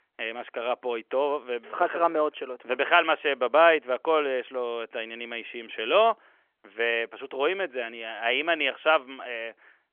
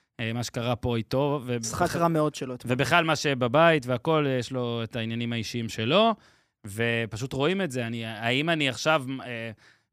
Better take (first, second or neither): second